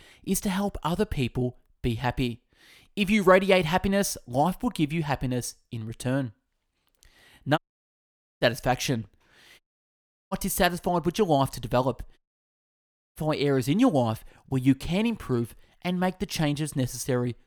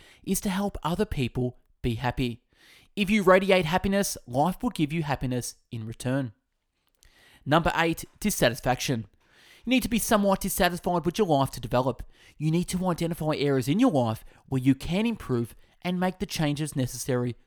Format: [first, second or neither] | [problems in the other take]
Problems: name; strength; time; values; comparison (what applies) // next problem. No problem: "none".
second | audio cutting out; at 7.5 s for 1 s, at 9.5 s for 0.5 s and at 12 s for 1 s